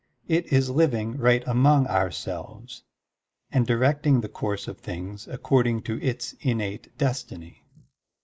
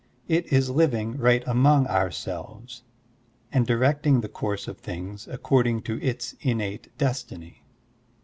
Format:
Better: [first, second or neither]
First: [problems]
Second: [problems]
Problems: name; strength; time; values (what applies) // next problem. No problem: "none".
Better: second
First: noise reduction (neural mask model Resemble Enhance denoiser)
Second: none